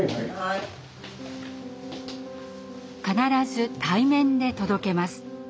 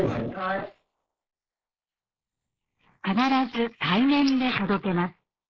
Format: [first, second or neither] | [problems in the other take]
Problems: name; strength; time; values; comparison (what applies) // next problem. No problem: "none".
first | noise reduction (neural mask model Resemble Enhance denoiser)